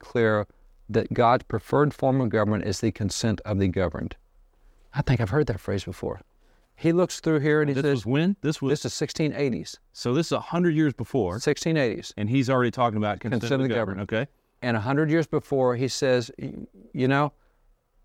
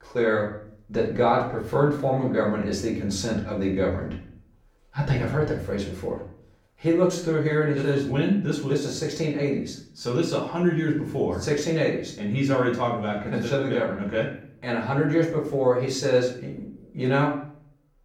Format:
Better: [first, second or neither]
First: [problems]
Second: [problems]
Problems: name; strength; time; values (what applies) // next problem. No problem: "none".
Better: first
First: none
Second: room echo; slight; dies away in 0.5 s // off-mic speech; far